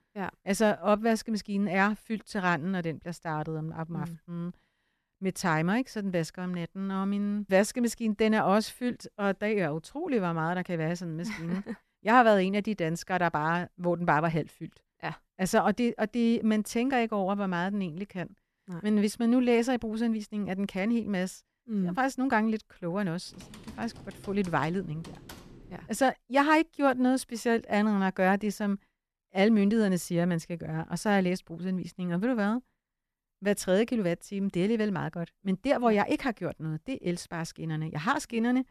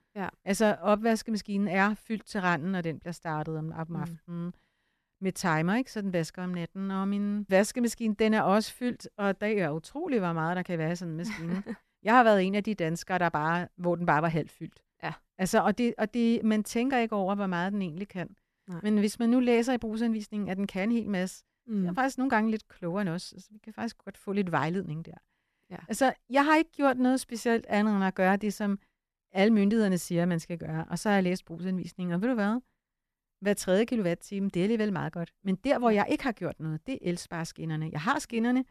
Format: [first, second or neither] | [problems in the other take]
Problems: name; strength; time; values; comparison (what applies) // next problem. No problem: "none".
second | keyboard typing; faint; from 23 to 26 s; peak 20 dB below the speech